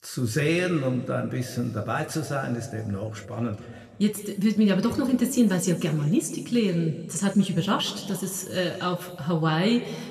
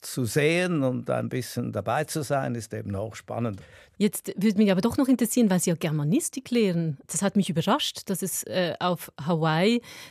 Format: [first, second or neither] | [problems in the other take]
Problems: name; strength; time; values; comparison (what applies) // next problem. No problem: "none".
second | room echo; slight; dies away in 1.5 s